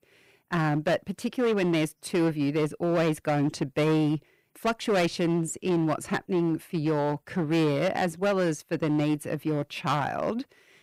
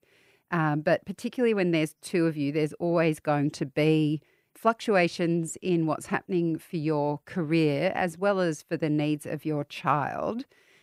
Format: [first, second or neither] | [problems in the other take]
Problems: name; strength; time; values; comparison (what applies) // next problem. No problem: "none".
second | distortion; slight; 11% of the sound clipped